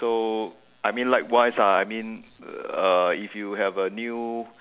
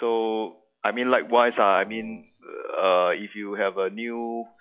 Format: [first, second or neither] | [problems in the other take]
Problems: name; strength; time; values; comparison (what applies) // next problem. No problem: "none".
first | noise reduction (classical method log-MMSE)